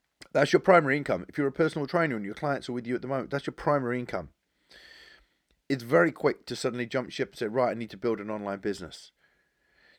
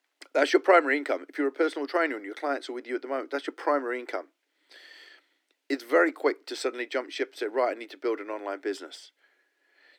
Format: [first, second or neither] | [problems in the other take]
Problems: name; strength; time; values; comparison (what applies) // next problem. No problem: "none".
first | thin; very slightly; fading below 300 Hz